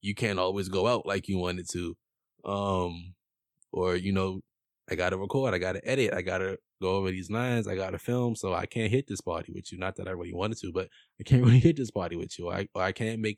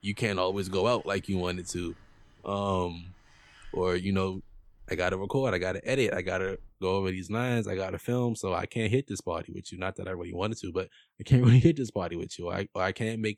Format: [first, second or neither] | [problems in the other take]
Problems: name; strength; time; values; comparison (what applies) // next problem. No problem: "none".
first | wind in the background; faint; until 6.5 s; 30 dB below the speech